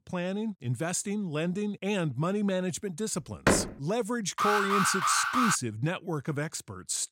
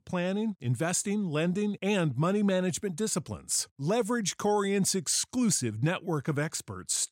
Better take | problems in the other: second | door banging; loud; at 3.5 s; peak 4 dB above the speech // alarm; loud; from 4.5 to 5.5 s; peak 5 dB above the speech

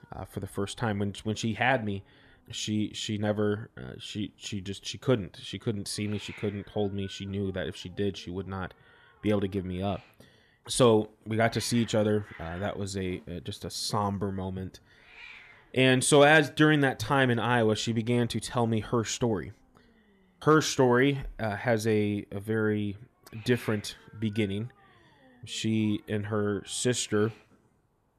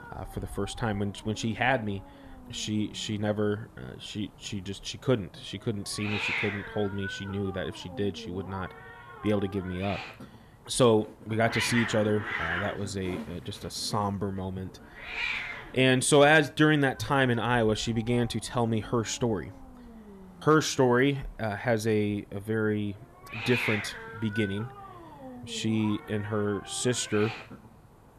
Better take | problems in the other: first | hiss; loud; throughout; 9 dB below the speech; faint in the first

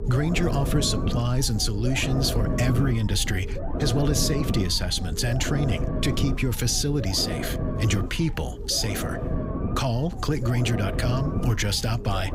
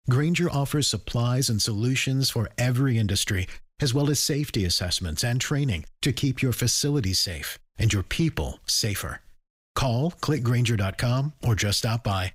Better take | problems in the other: second | low rumble; loud; throughout; 7 dB below the speech

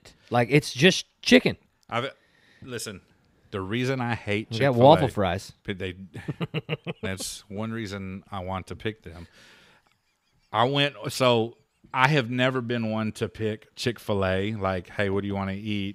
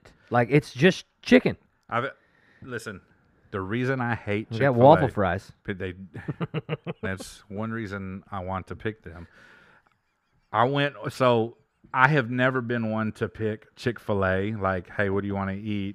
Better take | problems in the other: first | muffled; slightly; fading above 2.5 kHz

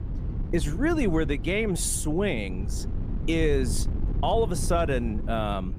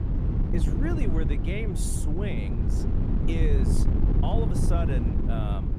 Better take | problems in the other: first | wind noise on the microphone; heavy; 1 dB below the speech; occasional gusts in the first

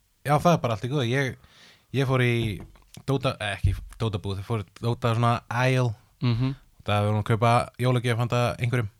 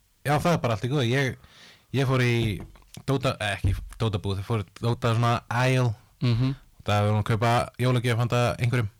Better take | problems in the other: first | distortion; slight; 10% of the sound clipped

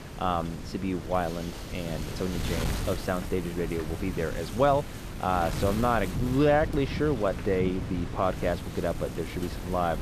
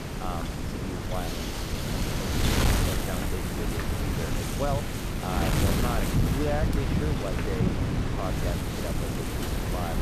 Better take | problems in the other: first | wind noise on the microphone; heavy; 4 dB above the speech; occasional gusts in the first

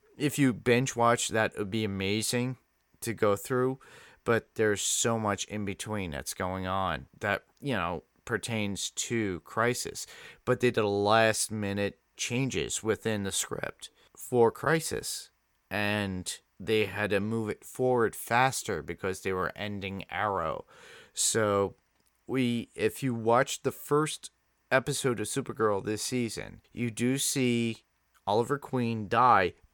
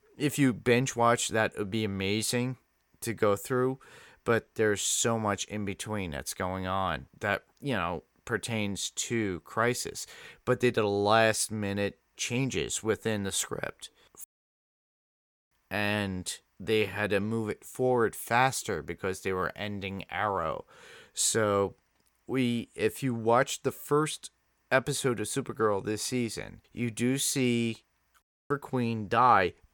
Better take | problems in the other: first | audio cutting out; at 14 s for 1.5 s and at 28 s

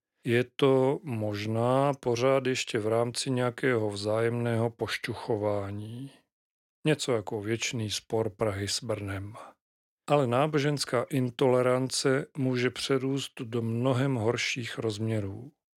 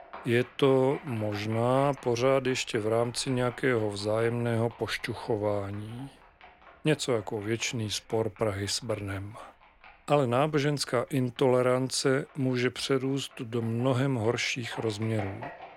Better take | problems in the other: first | animal sounds; faint; throughout; 20 dB below the speech

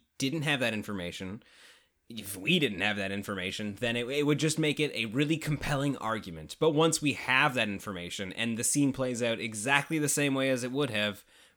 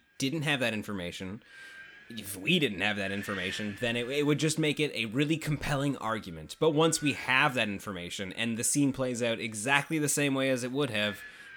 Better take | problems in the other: first | wind noise on the microphone; occasional gusts; 15 dB below the speech

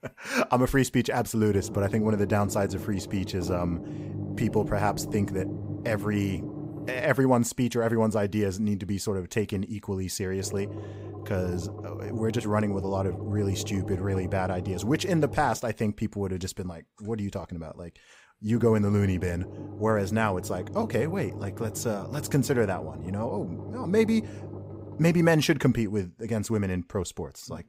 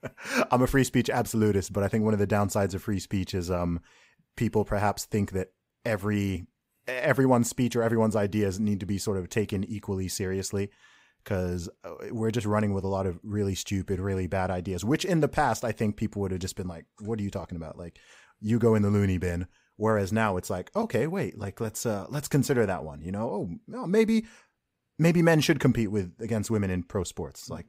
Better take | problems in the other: second | low rumble; noticeable; from 1.5 to 7 s, from 10 to 16 s and from 19 to 25 s; 15 dB below the speech

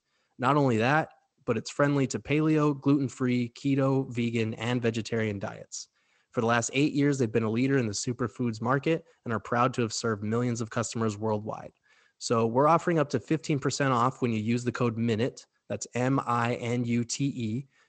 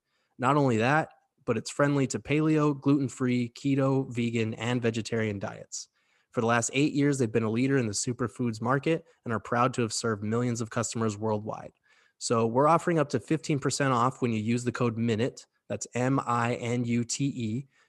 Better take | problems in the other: second | garbled, watery; slightly; nothing above 8 kHz

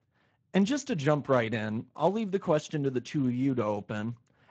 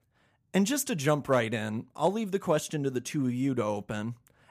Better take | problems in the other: second | garbled, watery; slightly; nothing above 7.5 kHz

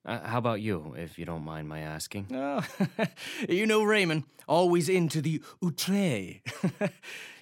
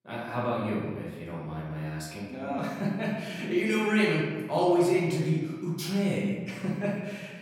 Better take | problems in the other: first | room echo; noticeable; dies away in 1.3 s // off-mic speech; far

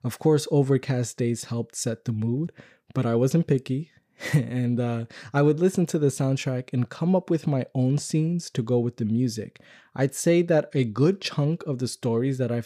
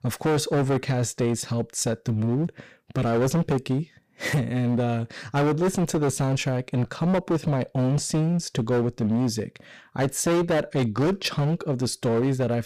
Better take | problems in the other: first | distortion; heavy; 17% of the sound clipped

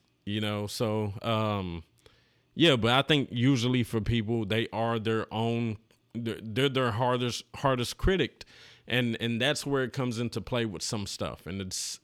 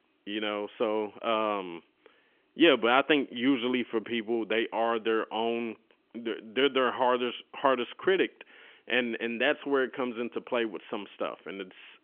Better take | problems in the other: first | phone-call audio; nothing above 3.5 kHz

